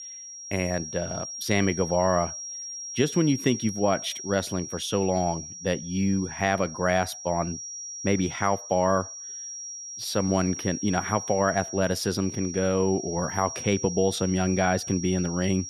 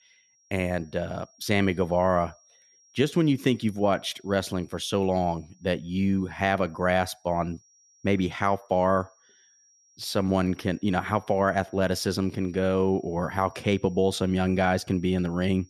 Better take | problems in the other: second | high-pitched whine; loud; throughout; 5.5 kHz, 9 dB below the speech; faint in the second

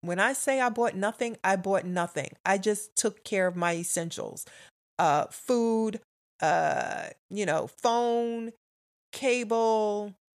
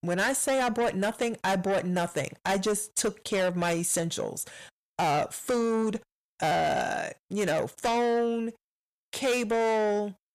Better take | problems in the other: first | distortion; heavy; 8 dB below the speech

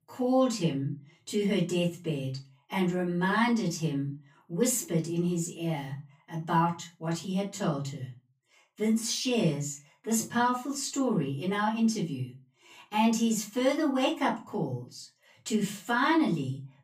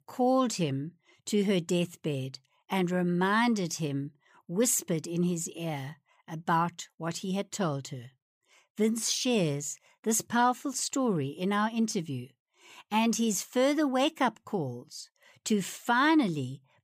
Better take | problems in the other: second | off-mic speech; far // room echo; very slight; dies away in 0.3 s

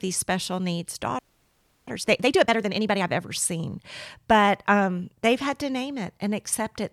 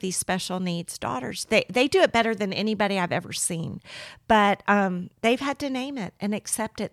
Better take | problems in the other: second | audio freezing; at 1 s for 0.5 s

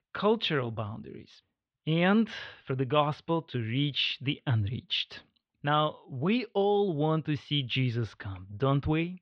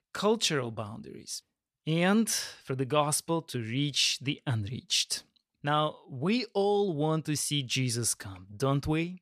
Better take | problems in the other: second | muffled; very; fading above 3.5 kHz

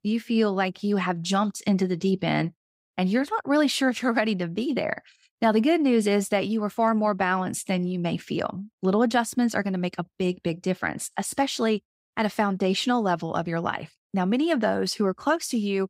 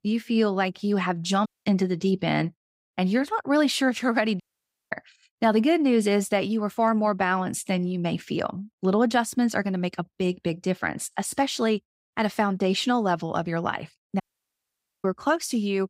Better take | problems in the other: first | audio cutting out; at 1.5 s, at 4.5 s for 0.5 s and at 14 s for 1 s

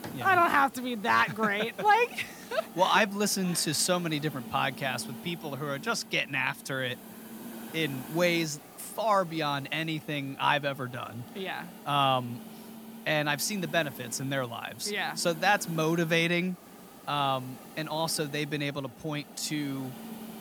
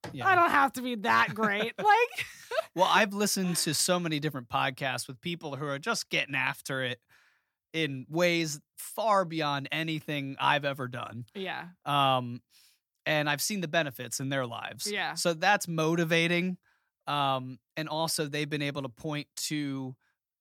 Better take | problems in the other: second | hiss; noticeable; throughout; 15 dB below the speech

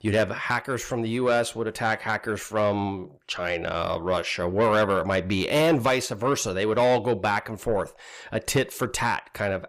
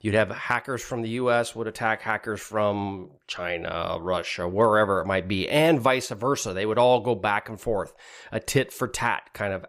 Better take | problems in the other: second | distortion; slight; 10 dB below the speech

